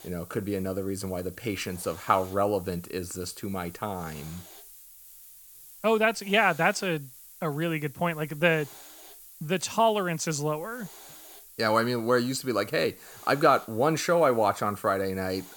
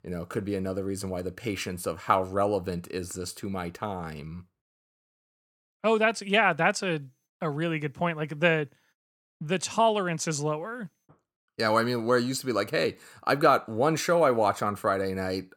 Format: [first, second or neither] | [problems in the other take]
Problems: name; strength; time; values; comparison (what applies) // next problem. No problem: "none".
second | hiss; noticeable; throughout; 20 dB below the speech